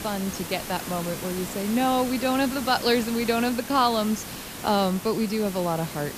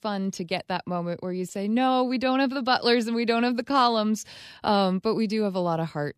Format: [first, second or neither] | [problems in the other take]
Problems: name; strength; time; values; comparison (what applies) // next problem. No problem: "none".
second | hiss; loud; throughout; 9 dB below the speech